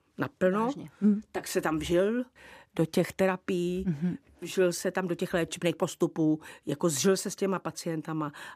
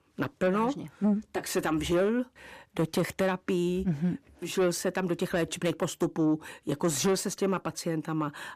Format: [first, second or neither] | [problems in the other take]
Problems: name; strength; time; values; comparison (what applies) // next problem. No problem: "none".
first | distortion; slight; 10 dB below the speech